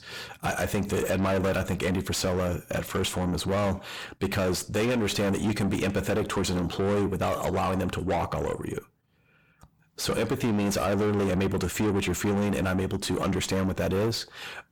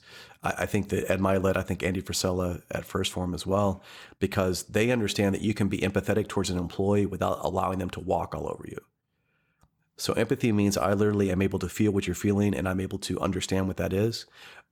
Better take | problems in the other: second | distortion; heavy; 5 dB below the speech

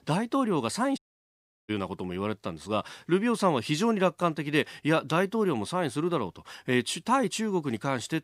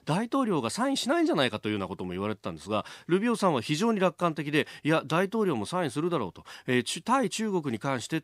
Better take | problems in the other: second | audio cutting out; at 1 s for 0.5 s

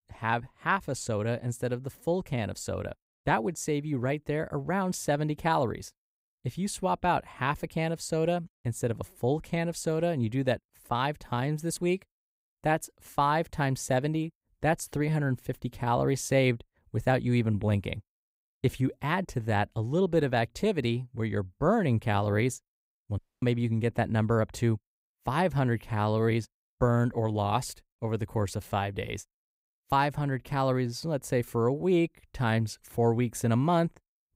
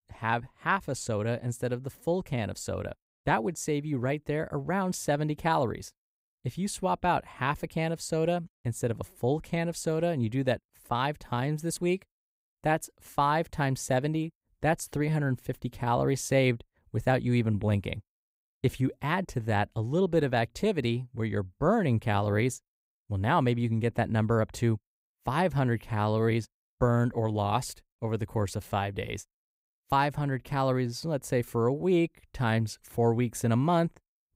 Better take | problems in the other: second | audio cutting out; at 23 s

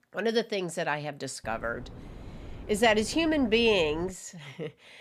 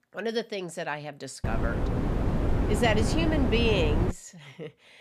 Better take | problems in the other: first | wind noise on the microphone; heavy; from 1.5 to 4 s; 4 dB below the speech; occasional gusts in the first

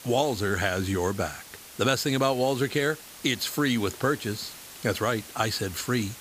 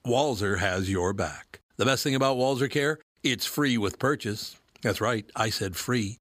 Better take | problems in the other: second | hiss; noticeable; throughout; 15 dB below the speech

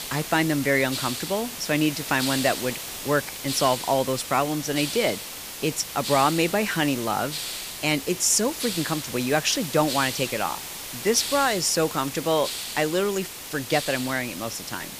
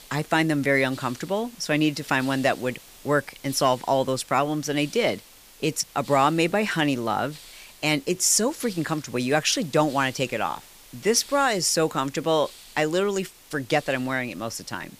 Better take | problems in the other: second | hiss; loud; throughout; 7 dB below the speech; faint in the second

